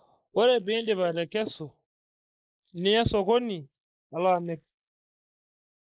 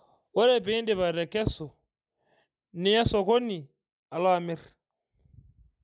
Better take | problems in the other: second | noise reduction (neural mask model Resemble Enhance denoiser)

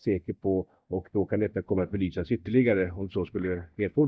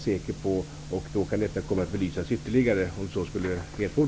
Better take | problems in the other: second | noise reduction (neural mask model DeepFilterNet 3)

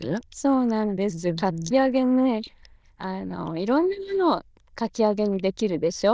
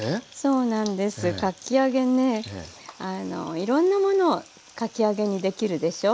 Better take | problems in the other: second | noise reduction (neural diffusion model UNIVERSE++)

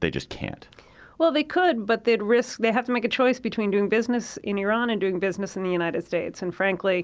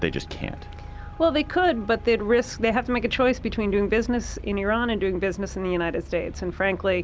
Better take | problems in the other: first | background sound (Traffic noise, roadway noise); 13 dB below the speech

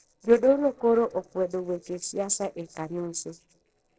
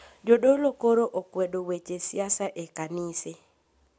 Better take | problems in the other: second | noise reduction (neural separator model SepFormer DNS4)

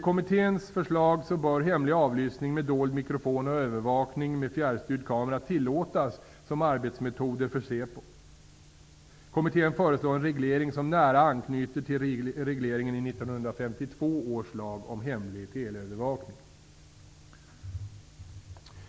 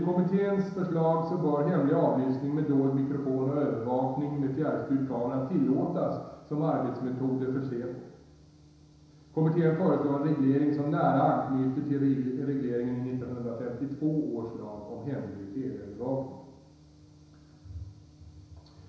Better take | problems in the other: first | room echo; dies away in 1 s

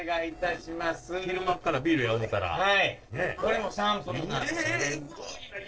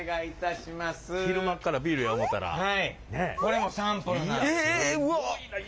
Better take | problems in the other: second | noise reduction (neural separator model SepFormer DNS4)

